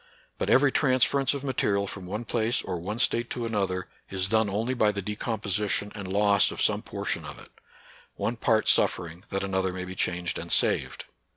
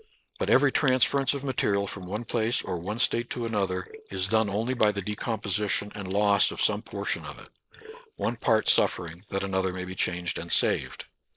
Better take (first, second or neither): first